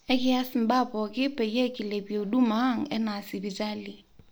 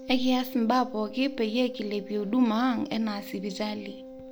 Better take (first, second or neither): first